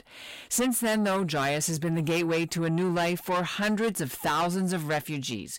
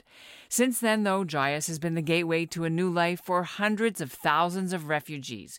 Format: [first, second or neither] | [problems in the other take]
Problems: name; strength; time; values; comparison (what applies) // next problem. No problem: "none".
second | distortion; heavy; 7 dB below the speech